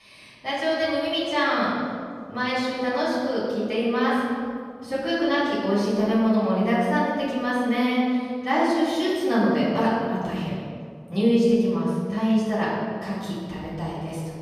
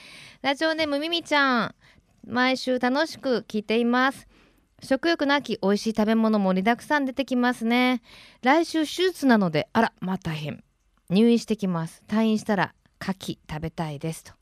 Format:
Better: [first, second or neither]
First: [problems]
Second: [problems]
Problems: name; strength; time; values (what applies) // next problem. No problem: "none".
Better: second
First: off-mic speech; far // room echo; strong; dies away in 1.9 s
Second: none